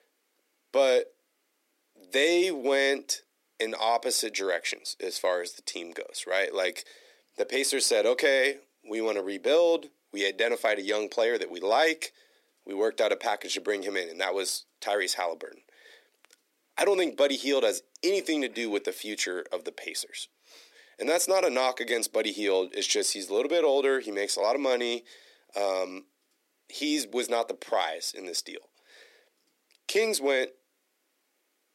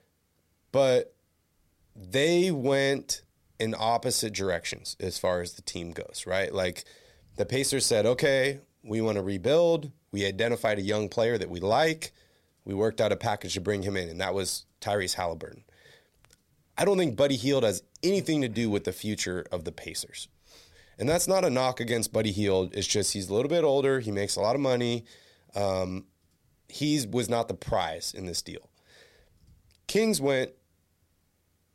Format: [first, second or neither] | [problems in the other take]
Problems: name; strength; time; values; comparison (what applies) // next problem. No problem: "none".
second | thin; somewhat; fading below 300 Hz